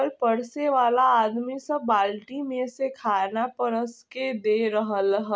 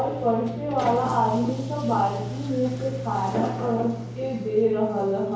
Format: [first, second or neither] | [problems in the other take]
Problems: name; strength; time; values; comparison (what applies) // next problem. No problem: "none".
first | background sound (Sliding door); 8 dB below the speech // room echo; dies away in 1 s